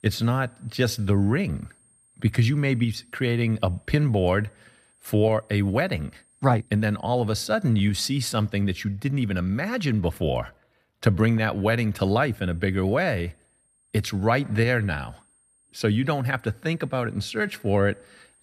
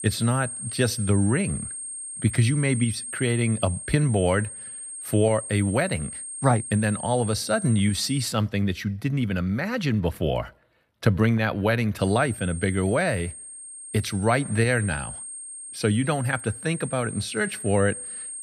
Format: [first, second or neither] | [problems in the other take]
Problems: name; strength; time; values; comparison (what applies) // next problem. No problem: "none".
first | high-pitched whine; loud; until 8.5 s and from 12 s on; 8.5 kHz, 9 dB below the speech; faint in the first